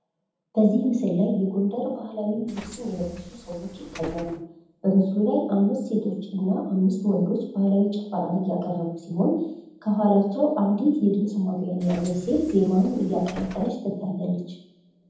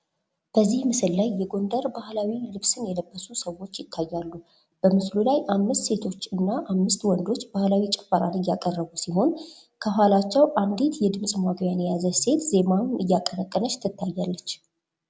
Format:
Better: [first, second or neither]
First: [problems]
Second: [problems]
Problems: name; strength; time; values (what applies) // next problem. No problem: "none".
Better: second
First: background sound (Bus); 17 dB below the speech // room echo; dies away in 0.8 s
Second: none